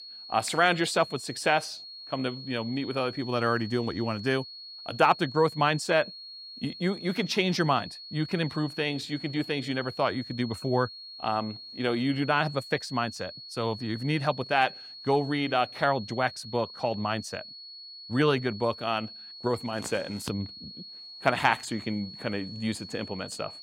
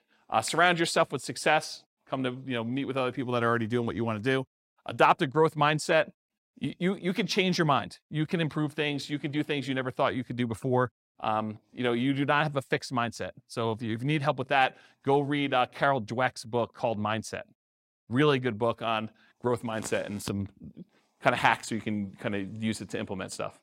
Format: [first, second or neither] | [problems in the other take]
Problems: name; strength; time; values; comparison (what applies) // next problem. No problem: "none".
second | high-pitched whine; noticeable; throughout; 4.5 kHz, 15 dB below the speech